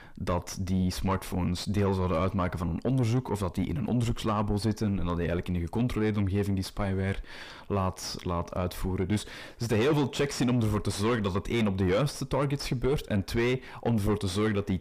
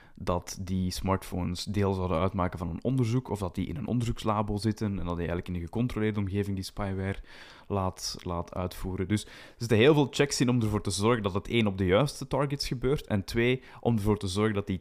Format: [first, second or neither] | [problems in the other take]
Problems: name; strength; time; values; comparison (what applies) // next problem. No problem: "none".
second | distortion; heavy; 7 dB below the speech